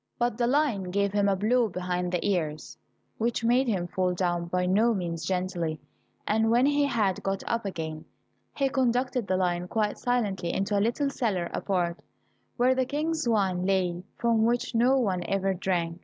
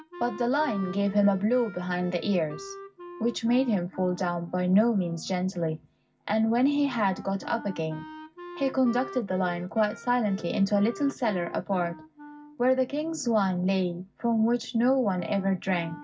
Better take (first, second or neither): first